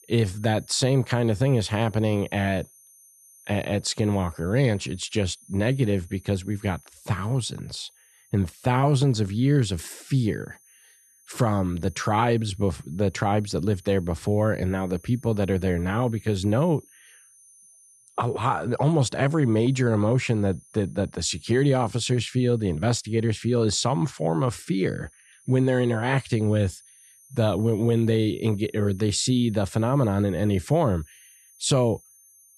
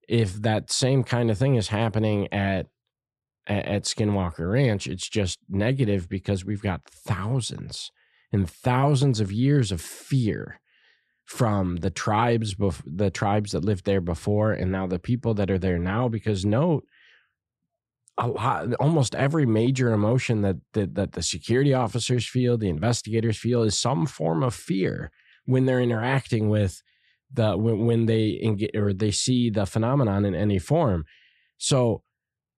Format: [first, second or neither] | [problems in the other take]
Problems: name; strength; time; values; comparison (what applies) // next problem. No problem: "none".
second | high-pitched whine; faint; throughout; 9 kHz, 25 dB below the speech